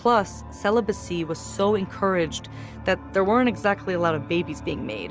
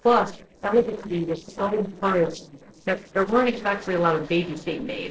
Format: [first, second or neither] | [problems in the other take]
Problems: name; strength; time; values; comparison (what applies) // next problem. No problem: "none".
first | noise reduction (neural separator model SepFormer DNS4)